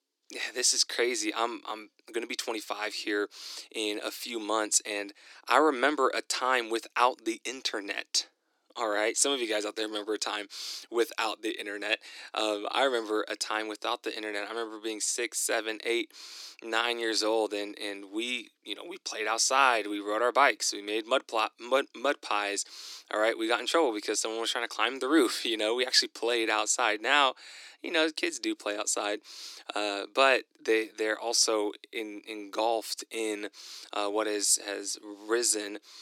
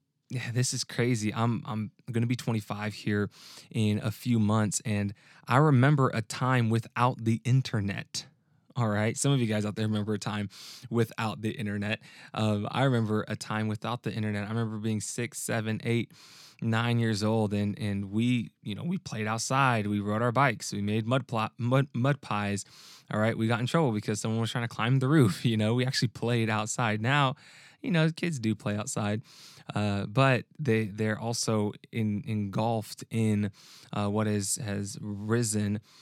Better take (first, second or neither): second